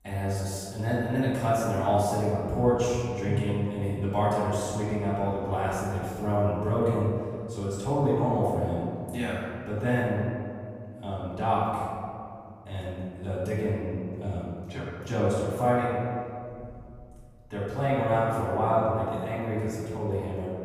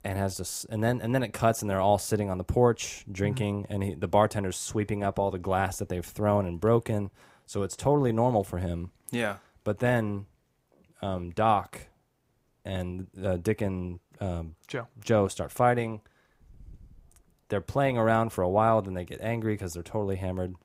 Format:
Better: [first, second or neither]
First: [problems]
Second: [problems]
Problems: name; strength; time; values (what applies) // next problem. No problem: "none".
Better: second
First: off-mic speech; far // room echo; strong; dies away in 2.3 s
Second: none